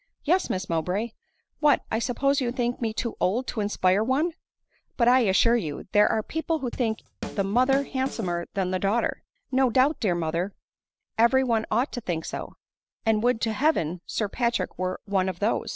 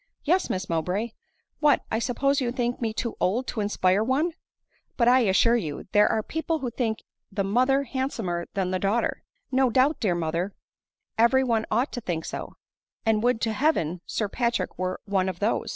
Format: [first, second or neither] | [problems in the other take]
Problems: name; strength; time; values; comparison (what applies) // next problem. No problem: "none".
second | background sound (Drum / Drum kit); 12 dB below the speech